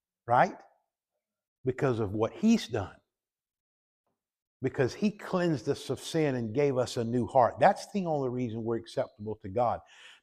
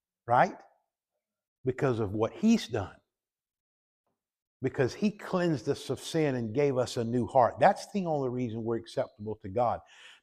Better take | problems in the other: neither | none

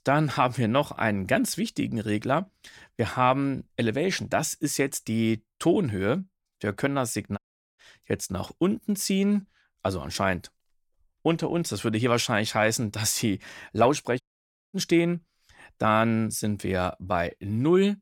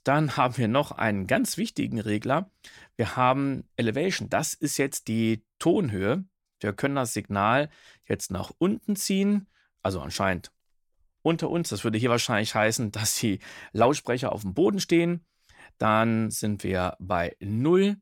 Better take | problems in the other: second | audio cutting out; at 7.5 s and at 14 s for 0.5 s

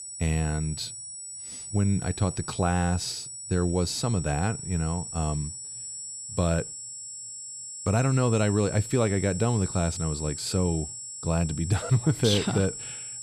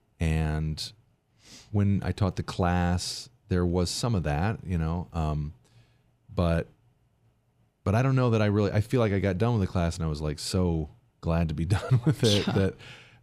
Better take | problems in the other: second | high-pitched whine; loud; throughout; 7.5 kHz, 8 dB below the speech

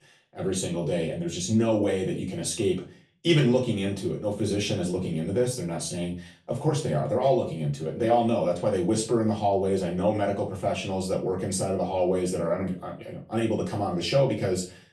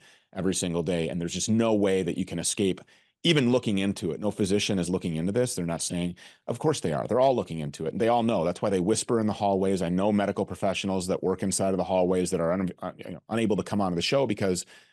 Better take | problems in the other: second | room echo; slight; dies away in 0.3 s // off-mic speech; far

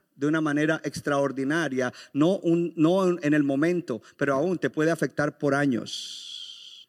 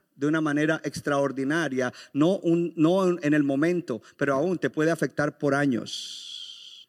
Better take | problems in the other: neither | none

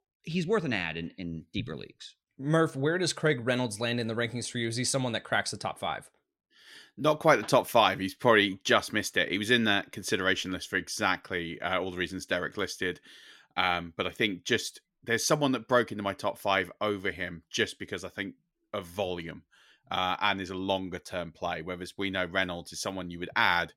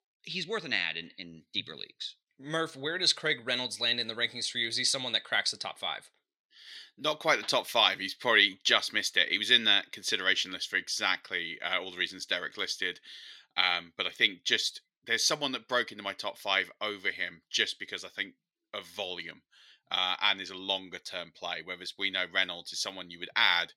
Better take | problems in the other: first | thin; somewhat; fading below 750 Hz

